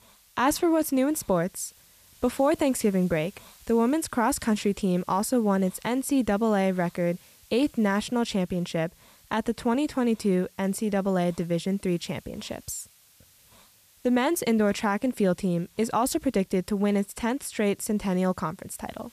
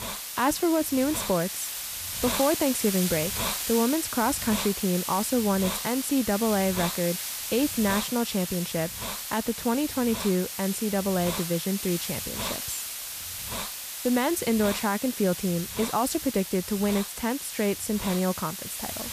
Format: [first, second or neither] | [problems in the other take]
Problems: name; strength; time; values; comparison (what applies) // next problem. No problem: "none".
first | hiss; loud; throughout; 4 dB below the speech; faint in the first